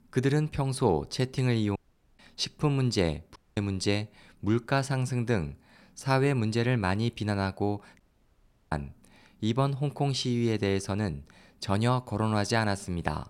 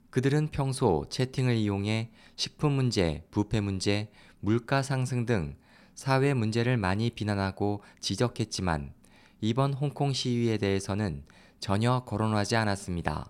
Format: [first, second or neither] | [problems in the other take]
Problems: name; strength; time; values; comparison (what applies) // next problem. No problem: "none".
second | audio cutting out; at 2 s, at 3.5 s and at 8 s for 0.5 s